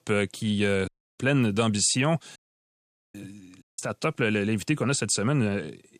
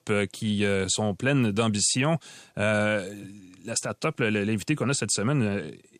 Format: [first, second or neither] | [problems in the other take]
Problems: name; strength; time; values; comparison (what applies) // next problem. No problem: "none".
second | audio cutting out; at 1 s, at 2.5 s for 1 s and at 3.5 s